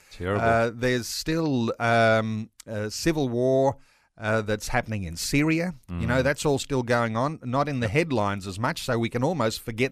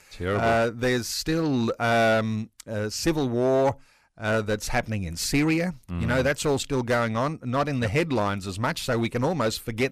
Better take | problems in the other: first | distortion; slight; 6% of the sound clipped

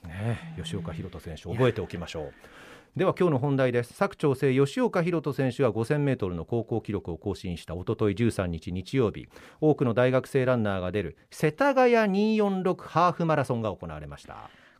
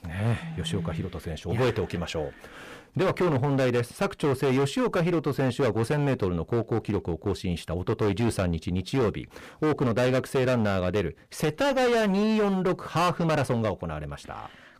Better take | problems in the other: first | distortion; heavy; 16% of the sound clipped

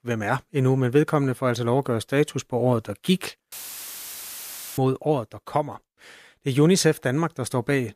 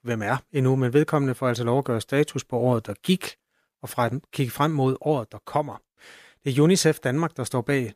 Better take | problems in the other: second | audio cutting out; filled with static; at 3.5 s for 1.5 s

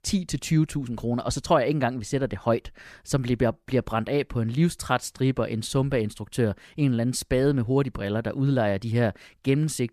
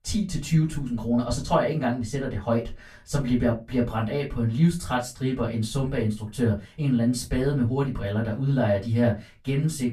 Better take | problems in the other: first | off-mic speech; far // room echo; very slight; dies away in 0.2 s

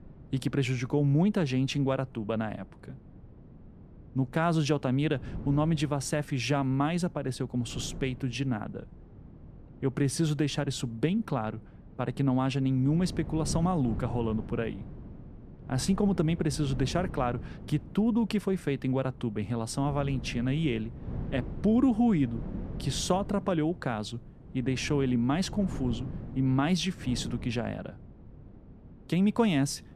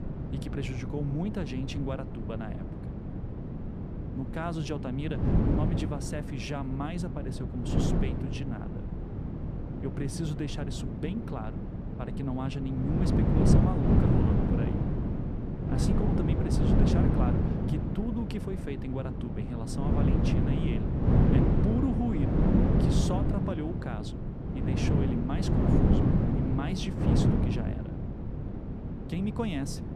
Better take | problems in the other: first | wind noise on the microphone; heavy; 3 dB above the speech; occasional gusts in the first

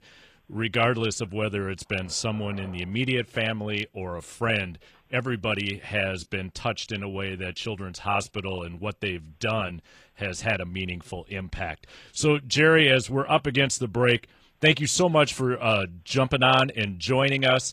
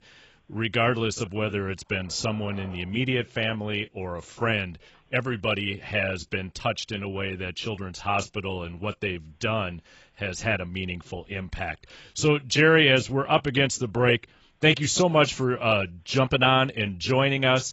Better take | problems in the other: first | garbled, watery; badly; nothing above 7.5 kHz; slightly in the first

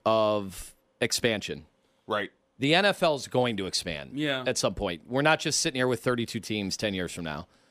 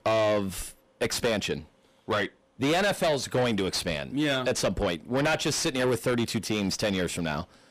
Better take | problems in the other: first | distortion; heavy; 6 dB below the speech

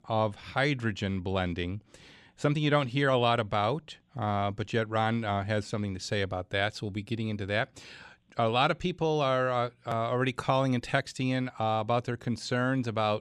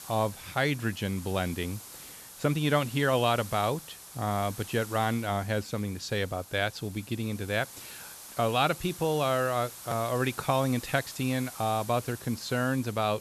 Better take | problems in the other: first | hiss; noticeable; throughout; 15 dB below the speech

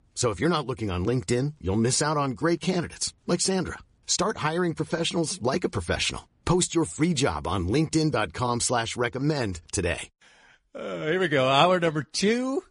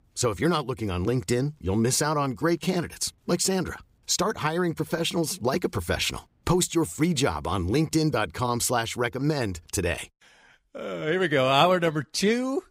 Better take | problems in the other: second | garbled, watery; slightly; nothing above 10.5 kHz

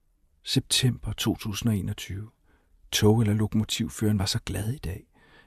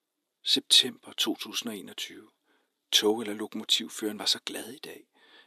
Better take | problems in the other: first | thin; somewhat; fading below 300 Hz

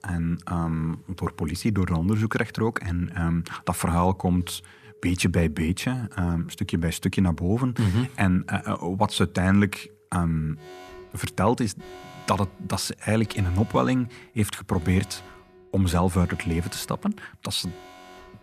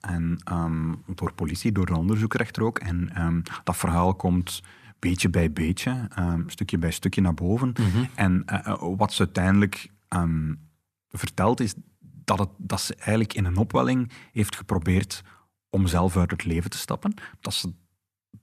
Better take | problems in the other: second | alarms or sirens; faint; throughout; 25 dB below the speech

